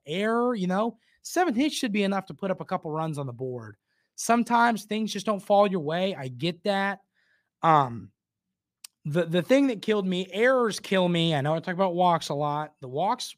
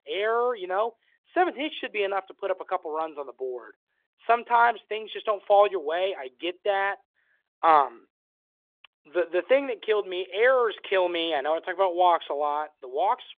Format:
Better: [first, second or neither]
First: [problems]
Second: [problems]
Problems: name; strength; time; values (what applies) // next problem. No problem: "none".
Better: first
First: none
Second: phone-call audio; nothing above 3.5 kHz